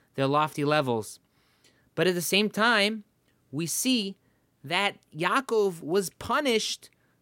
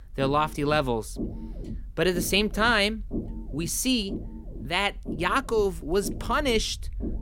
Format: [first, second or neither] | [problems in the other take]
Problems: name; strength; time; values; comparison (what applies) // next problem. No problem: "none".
first | low rumble; noticeable; throughout; 20 dB below the speech